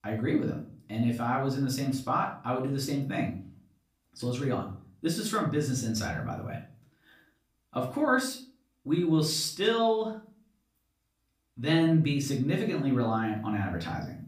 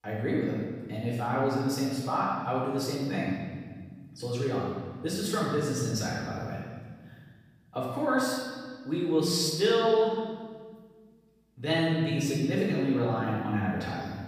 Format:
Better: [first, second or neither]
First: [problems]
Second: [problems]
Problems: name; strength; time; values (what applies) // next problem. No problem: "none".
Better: first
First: room echo; slight; dies away in 0.4 s // off-mic speech; far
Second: room echo; strong; dies away in 1.6 s // off-mic speech; far